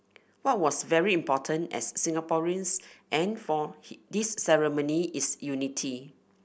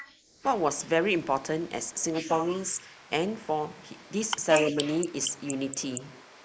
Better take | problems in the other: first | noise reduction (neural mask model Resemble Enhance denoiser)

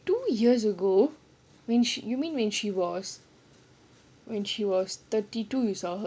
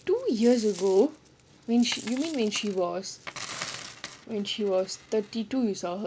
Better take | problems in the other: first | background sound (Coin (dropping)); 16 dB below the speech

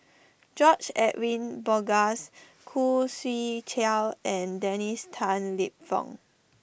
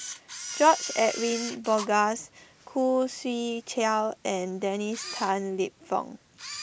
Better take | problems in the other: first | background sound (Camera); 13 dB below the speech

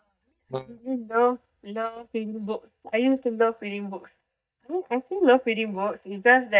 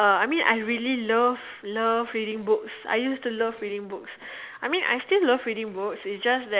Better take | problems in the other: second | noise reduction (neural mask model DeepFilterNet 3)

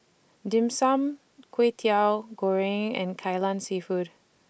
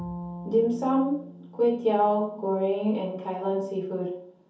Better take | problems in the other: first | background sound (Bowed string instrument); 16 dB below the speech // room echo; dies away in 0.6 s

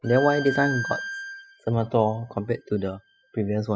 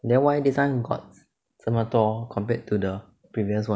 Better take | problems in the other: second | noise reduction (classical method spectral subtraction)

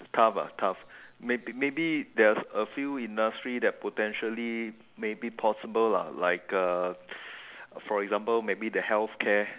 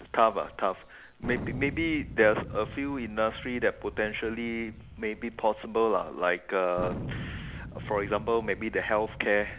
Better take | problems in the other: first | background sound (Thunder); 12 dB below the speech

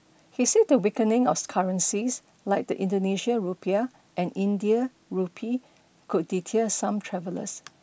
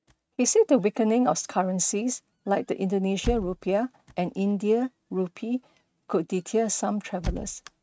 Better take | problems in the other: first | noise reduction (neural mask model RNNoise)

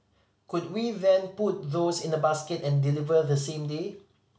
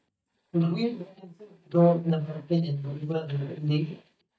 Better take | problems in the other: first | noise reduction (neural mask model DeepFilterNet 3)

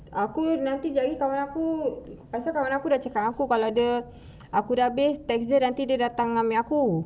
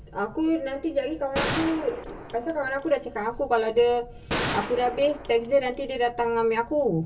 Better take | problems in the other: first | background sound (Gunshot, gunfire); 8 dB below the speech // room echo; dies away in 0.1 s

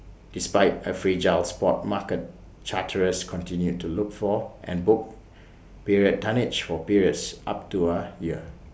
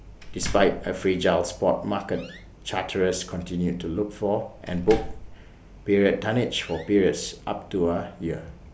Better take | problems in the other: first | background sound (Slam); 14 dB below the speech

